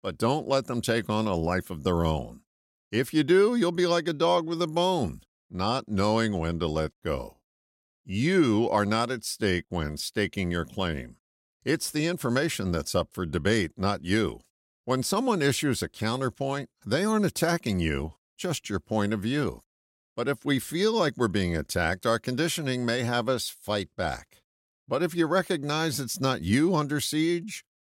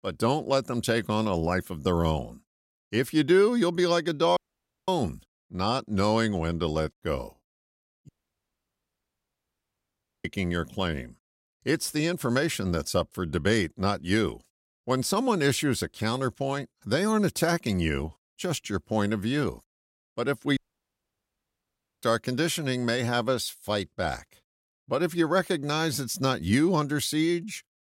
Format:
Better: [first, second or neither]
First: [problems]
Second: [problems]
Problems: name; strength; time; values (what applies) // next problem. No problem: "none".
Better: first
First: none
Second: audio cutting out; at 4.5 s for 0.5 s, at 8 s for 2 s and at 21 s for 1.5 s